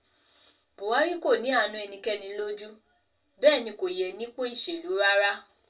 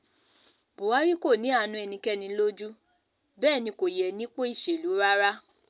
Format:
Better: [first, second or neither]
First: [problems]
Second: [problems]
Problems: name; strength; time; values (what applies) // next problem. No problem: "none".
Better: second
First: room echo; dies away in 0.2 s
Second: none